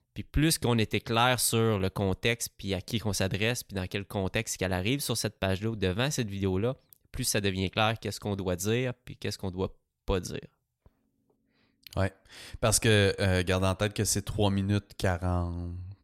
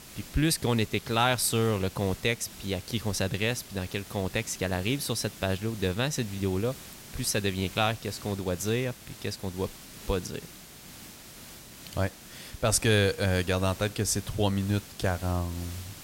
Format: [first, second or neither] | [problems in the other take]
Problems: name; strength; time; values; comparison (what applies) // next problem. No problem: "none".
first | hiss; noticeable; throughout; 15 dB below the speech